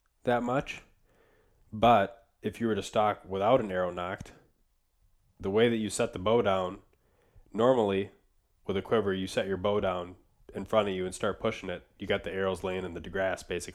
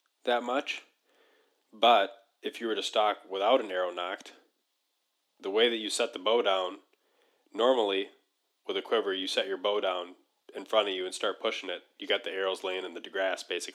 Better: first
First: none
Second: thin; somewhat; fading below 300 Hz

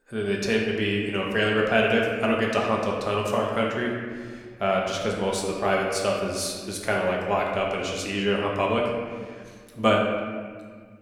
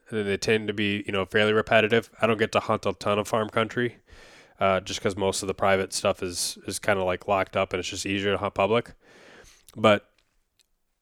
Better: second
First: room echo; noticeable; dies away in 1.5 s // off-mic speech; somewhat distant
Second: none

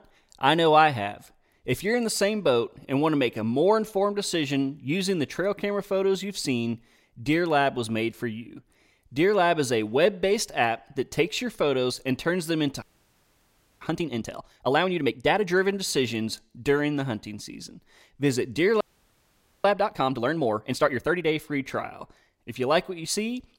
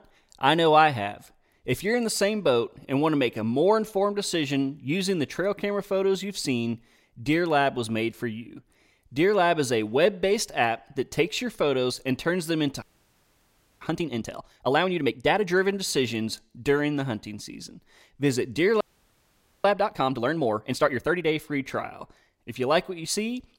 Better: neither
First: audio freezing; at 13 s for 1 s and at 19 s for 1 s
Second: audio freezing; at 13 s for 1 s and at 19 s for 1 s

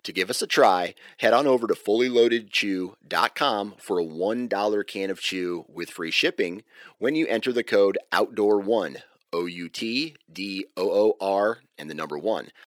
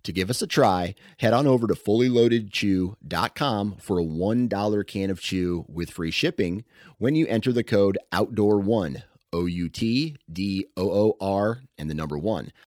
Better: second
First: thin; somewhat; fading below 400 Hz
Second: none

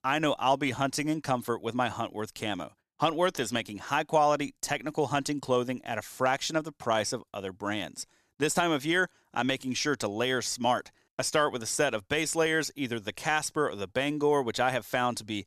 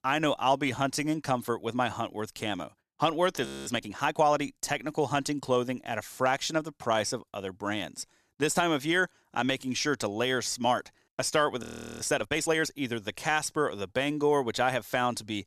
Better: first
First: none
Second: audio freezing; at 3.5 s and at 12 s

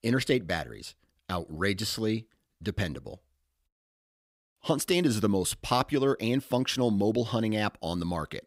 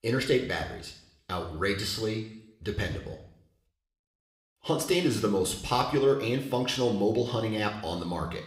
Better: first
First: none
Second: room echo; slight; dies away in 0.7 s

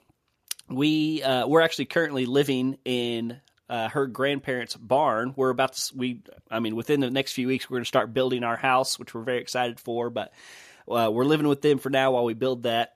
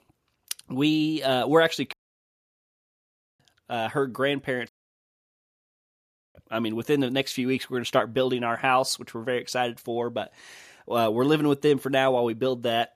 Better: first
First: none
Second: audio cutting out; at 2 s for 1.5 s and at 4.5 s for 1.5 s

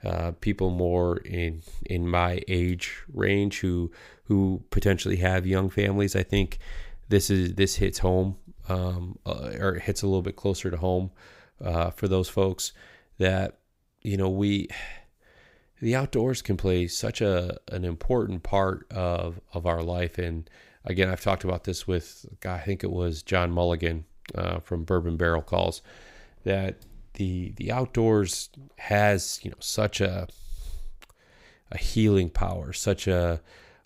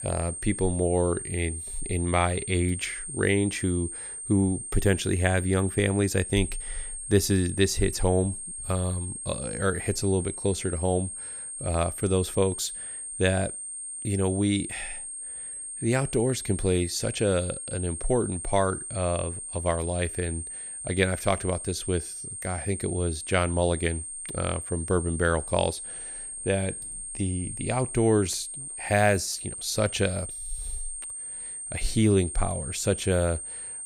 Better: first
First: none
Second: high-pitched whine; loud; throughout; 8.5 kHz, 7 dB below the speech

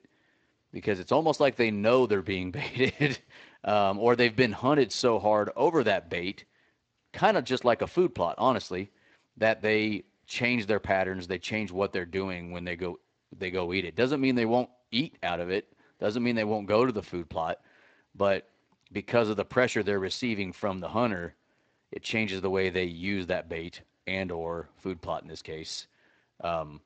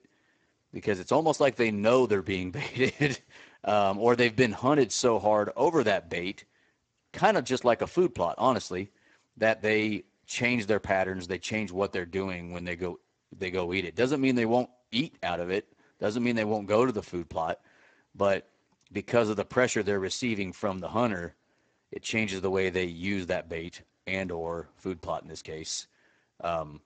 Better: first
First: garbled, watery; slightly; nothing above 8 kHz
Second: garbled, watery; badly; nothing above 7.5 kHz

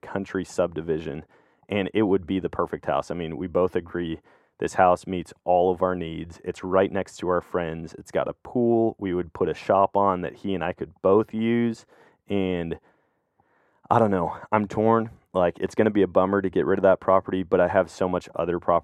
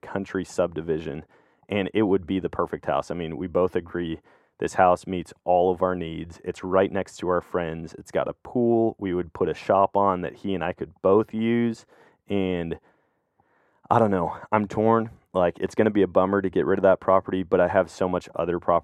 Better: neither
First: muffled; very; fading above 2 kHz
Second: muffled; very; fading above 2 kHz

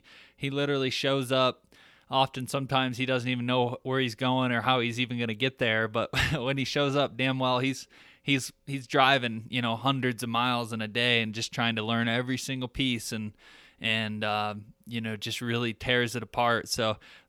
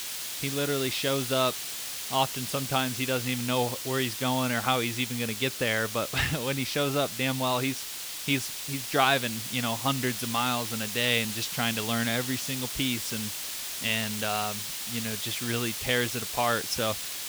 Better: first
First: none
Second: hiss; loud; throughout; 4 dB below the speech

